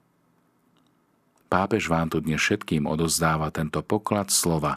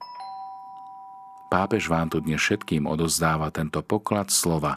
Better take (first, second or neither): first